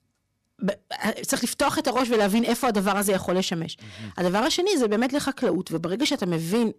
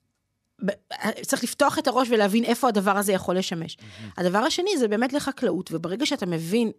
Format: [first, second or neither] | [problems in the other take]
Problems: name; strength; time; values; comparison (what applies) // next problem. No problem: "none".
second | distortion; slight; 8% of the sound clipped